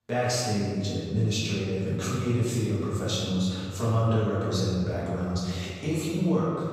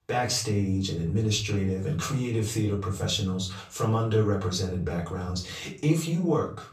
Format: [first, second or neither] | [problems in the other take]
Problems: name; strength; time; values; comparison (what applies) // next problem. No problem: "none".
second | room echo; strong; dies away in 2.1 s; slight in the second // off-mic speech; far; far in the second